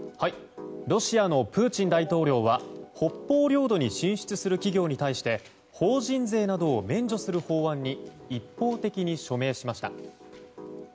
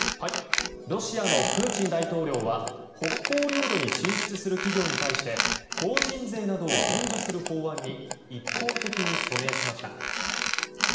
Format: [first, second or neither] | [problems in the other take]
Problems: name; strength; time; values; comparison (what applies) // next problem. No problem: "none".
first | background sound (Squeak); as loud as the speech // room echo; dies away in 0.9 s